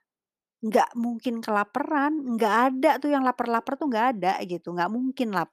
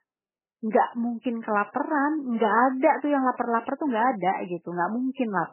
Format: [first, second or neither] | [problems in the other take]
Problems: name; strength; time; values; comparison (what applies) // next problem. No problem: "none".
first | garbled, watery; badly; nothing above 3 kHz